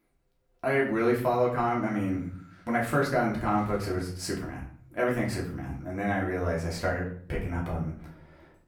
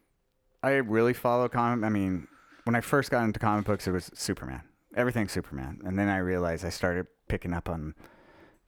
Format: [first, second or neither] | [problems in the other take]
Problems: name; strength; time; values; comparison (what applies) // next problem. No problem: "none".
second | off-mic speech; far // room echo; slight; dies away in 0.5 s